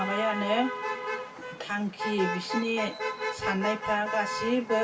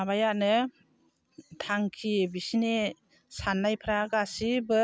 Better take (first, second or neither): second